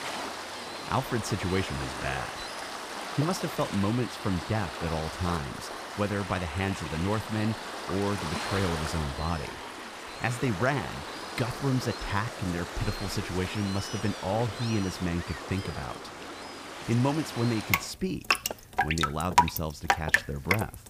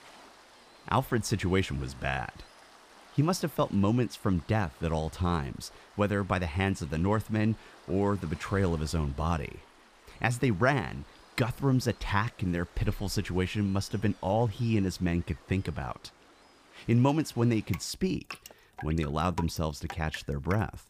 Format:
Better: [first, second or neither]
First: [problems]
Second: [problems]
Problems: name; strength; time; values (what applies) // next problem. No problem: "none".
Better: second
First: rain or running water; loud; throughout; 2 dB below the speech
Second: rain or running water; faint; throughout; 20 dB below the speech